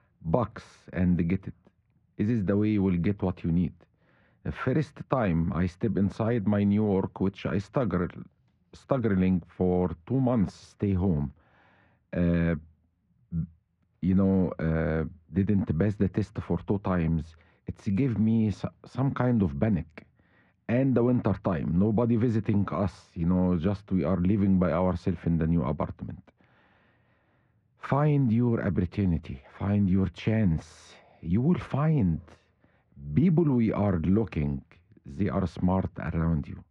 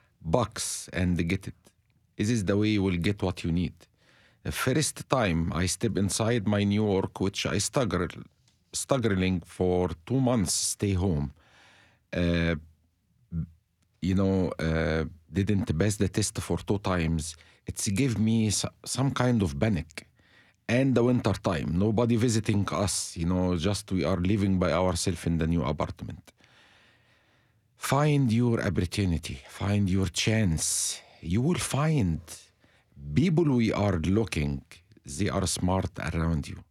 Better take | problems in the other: second | muffled; very; fading above 1.5 kHz

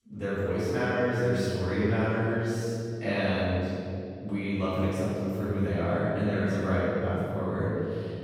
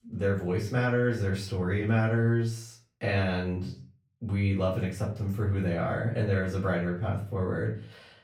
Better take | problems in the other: second | room echo; strong; dies away in 2.4 s; slight in the second // off-mic speech; far; far in the second

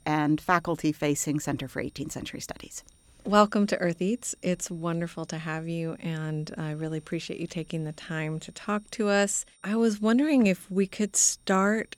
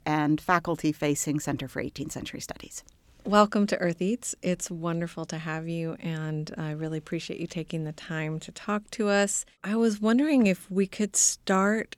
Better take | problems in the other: second | high-pitched whine; faint; throughout; 9 kHz, 35 dB below the speech

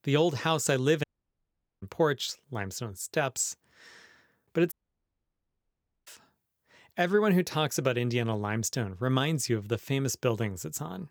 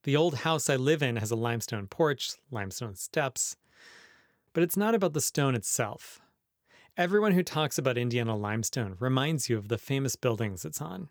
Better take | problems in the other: second | audio cutting out; at 1 s for 1 s and at 4.5 s for 1.5 s

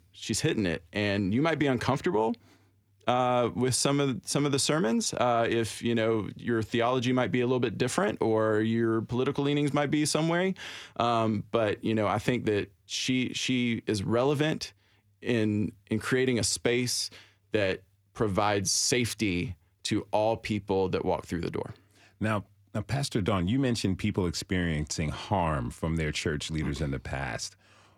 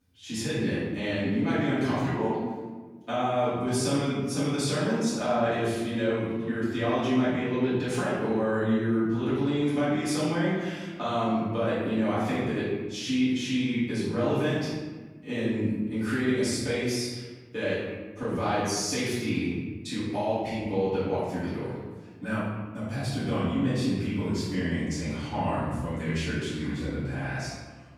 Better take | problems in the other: first | room echo; strong; dies away in 1.3 s // off-mic speech; far

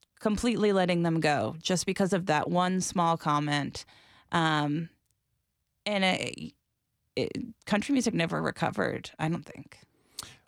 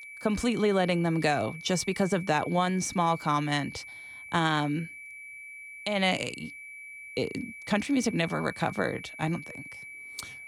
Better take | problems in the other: first | high-pitched whine; noticeable; throughout; 2.5 kHz, 15 dB below the speech

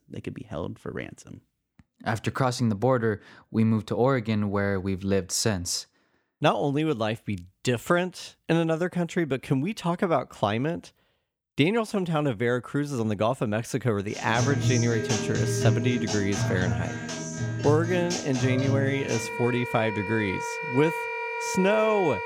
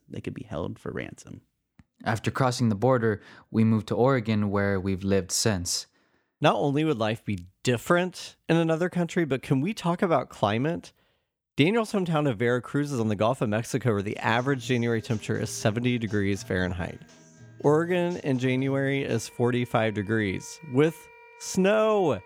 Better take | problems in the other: second | background music; loud; from 14 s on; 3 dB below the speech; faint in the second

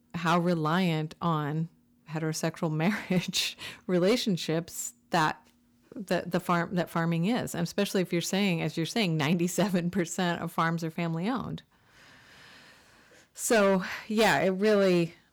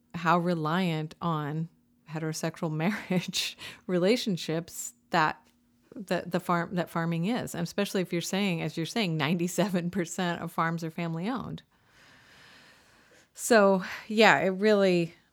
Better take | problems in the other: second | distortion; slight; 3% of the sound clipped

